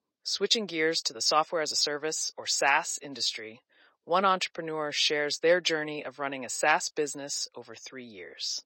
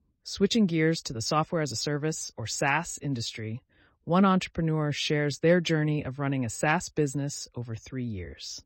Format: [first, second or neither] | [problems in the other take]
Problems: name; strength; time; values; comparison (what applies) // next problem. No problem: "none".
second | thin; very; fading below 550 Hz